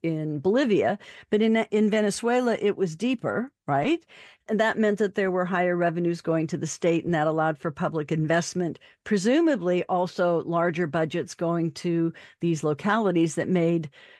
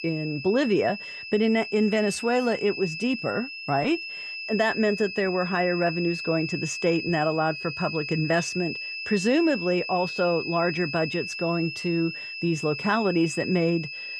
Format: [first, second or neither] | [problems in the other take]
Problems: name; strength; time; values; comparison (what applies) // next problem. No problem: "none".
first | high-pitched whine; loud; throughout; 2.5 kHz, 7 dB below the speech